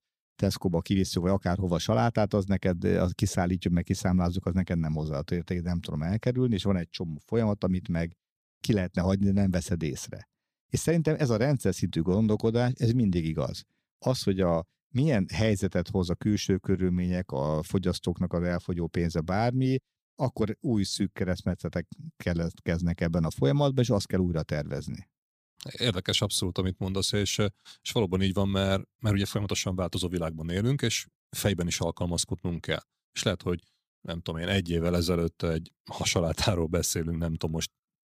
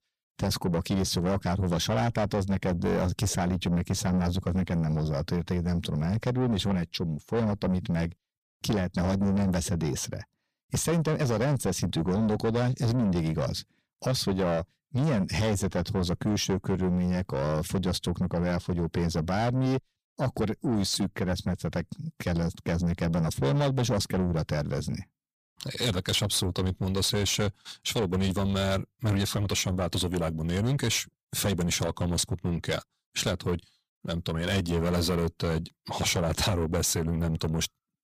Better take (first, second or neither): first